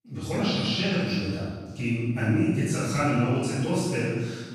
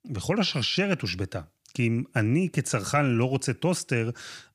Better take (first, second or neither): second